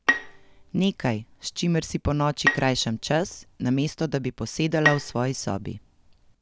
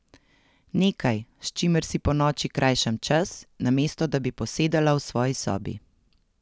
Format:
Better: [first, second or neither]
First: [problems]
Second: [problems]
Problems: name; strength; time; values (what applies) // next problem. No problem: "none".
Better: second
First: background sound (Bowed string instrument); 5 dB below the speech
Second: none